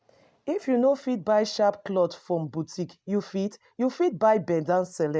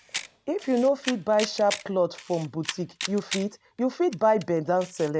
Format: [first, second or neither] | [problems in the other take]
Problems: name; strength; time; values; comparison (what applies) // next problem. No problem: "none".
first | background sound (Camera); 13 dB below the speech